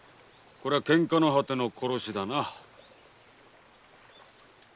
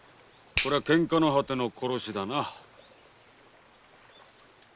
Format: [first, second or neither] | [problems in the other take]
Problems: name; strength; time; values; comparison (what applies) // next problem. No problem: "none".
first | background sound (Finger snapping); 12 dB below the speech